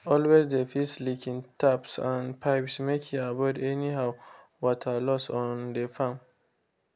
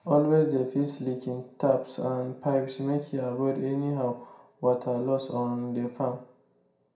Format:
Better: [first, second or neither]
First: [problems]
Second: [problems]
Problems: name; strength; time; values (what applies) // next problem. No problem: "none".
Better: first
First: none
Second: room echo; dies away in 0.5 s